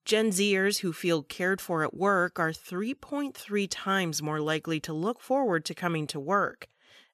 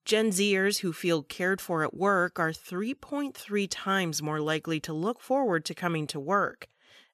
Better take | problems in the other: neither | none

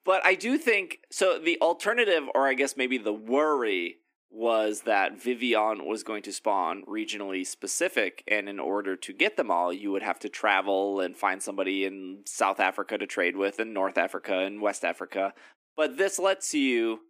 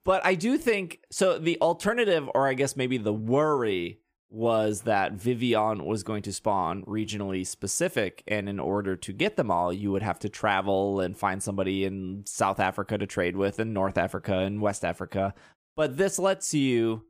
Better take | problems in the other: second | thin; very slightly; fading below 250 Hz

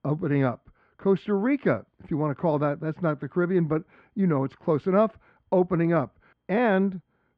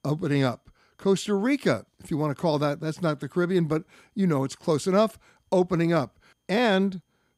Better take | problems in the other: second | muffled; very; fading above 2 kHz

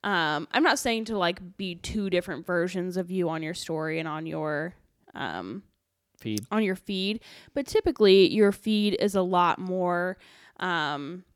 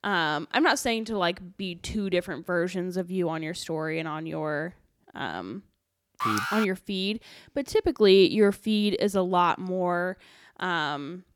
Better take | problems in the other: first | alarm; noticeable; at 6 s; peak 1 dB below the speech

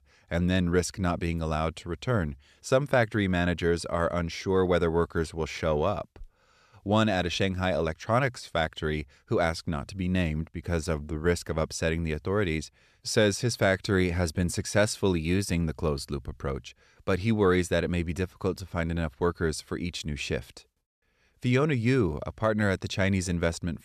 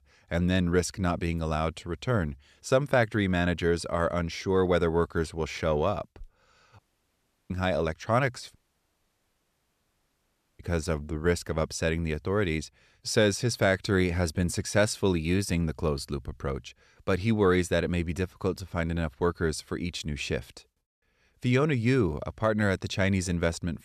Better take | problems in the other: first | audio cutting out; at 7 s for 0.5 s and at 8.5 s for 2 s

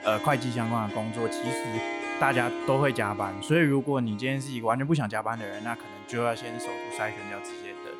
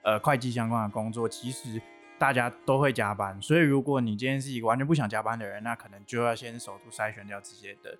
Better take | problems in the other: second | background music; loud; throughout; 8 dB below the speech; faint in the second

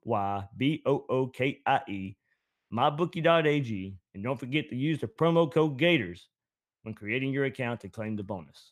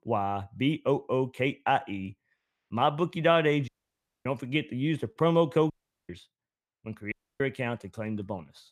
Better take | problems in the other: first | audio cutting out; at 3.5 s for 0.5 s, at 5.5 s and at 7 s

